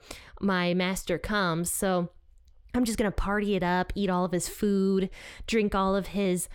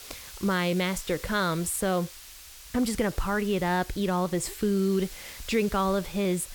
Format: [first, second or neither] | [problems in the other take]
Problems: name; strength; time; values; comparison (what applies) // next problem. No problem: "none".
first | hiss; noticeable; throughout; 15 dB below the speech